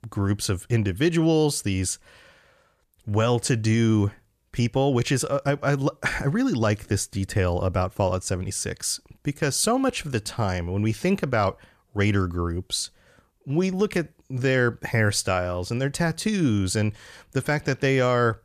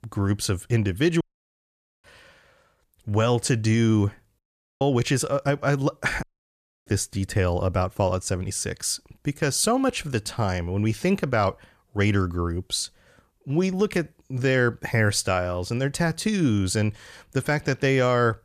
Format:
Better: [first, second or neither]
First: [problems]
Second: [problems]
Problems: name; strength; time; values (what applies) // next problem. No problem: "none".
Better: first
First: none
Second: audio cutting out; at 1 s for 1 s, at 4.5 s and at 6 s for 0.5 s